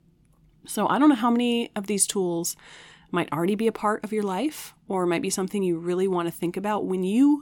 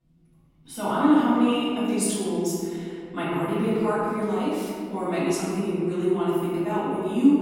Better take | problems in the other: first | off-mic speech; far // room echo; strong; dies away in 2.2 s

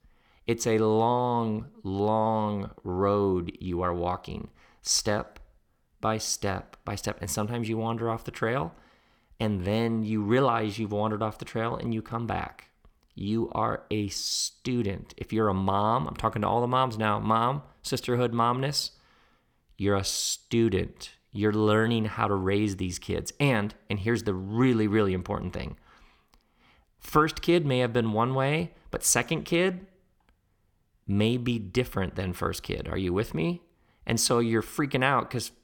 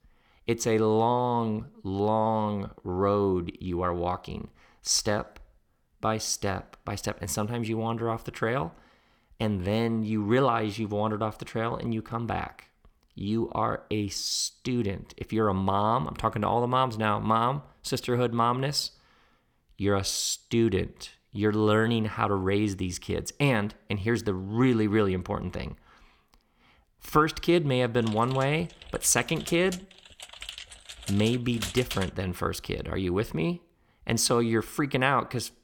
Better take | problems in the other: first | keyboard typing; noticeable; from 28 to 32 s; peak 6 dB below the speech

